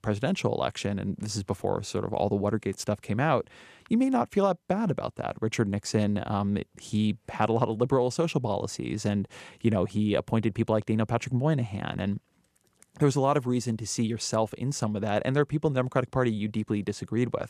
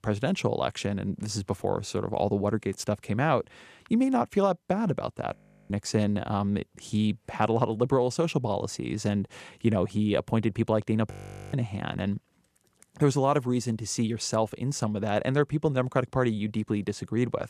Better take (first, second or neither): first